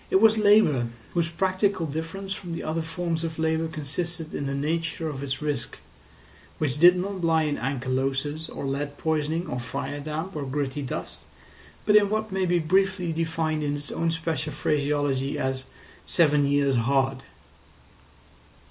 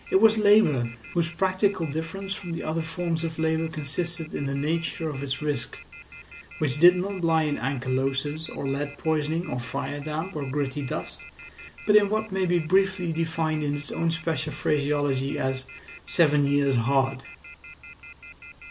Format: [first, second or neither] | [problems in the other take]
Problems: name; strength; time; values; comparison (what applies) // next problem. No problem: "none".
first | background sound (Telephone); 19 dB below the speech